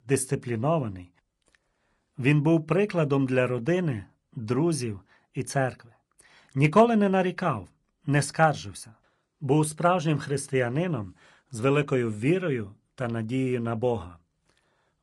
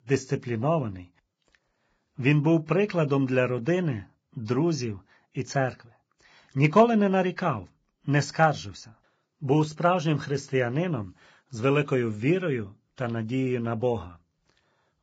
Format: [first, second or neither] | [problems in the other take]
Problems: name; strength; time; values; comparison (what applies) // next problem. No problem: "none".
first | garbled, watery; badly; nothing above 7.5 kHz; slightly in the first